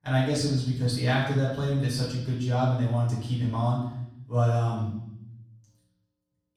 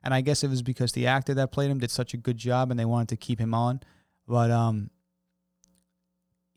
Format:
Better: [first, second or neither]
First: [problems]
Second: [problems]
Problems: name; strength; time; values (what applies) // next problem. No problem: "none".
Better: second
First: off-mic speech; far // room echo; noticeable; dies away in 0.8 s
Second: none